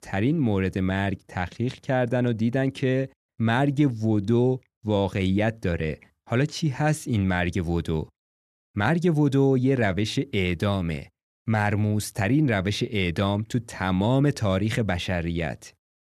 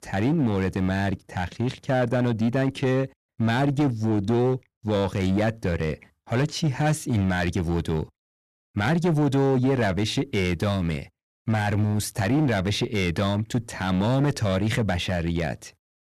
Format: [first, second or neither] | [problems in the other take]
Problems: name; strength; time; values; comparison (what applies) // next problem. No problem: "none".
first | distortion; slight; 10% of the sound clipped